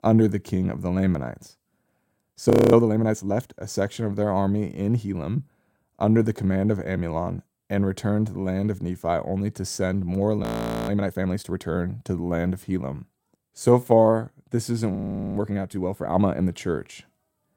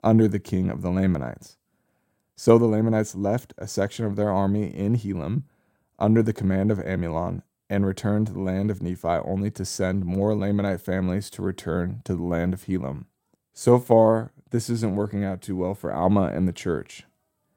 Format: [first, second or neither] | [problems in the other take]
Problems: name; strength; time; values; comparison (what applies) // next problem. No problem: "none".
second | audio freezing; at 2.5 s, at 10 s and at 15 s